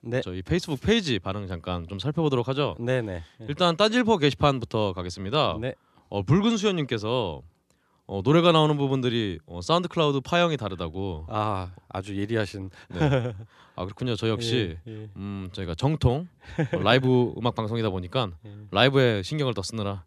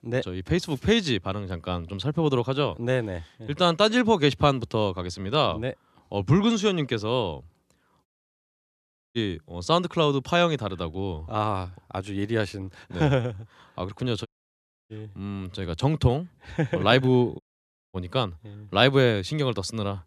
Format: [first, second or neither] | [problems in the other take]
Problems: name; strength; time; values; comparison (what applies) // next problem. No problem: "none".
first | audio cutting out; at 8 s for 1 s, at 14 s for 0.5 s and at 17 s for 0.5 s